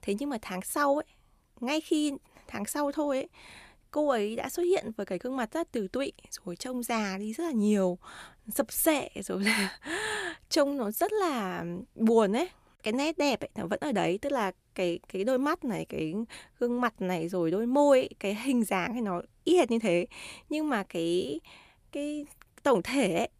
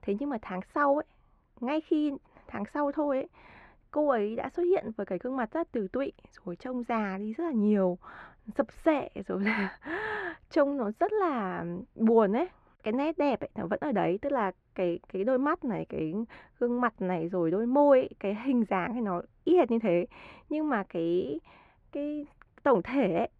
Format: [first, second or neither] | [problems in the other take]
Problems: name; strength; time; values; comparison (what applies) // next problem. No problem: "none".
first | muffled; very; fading above 1.5 kHz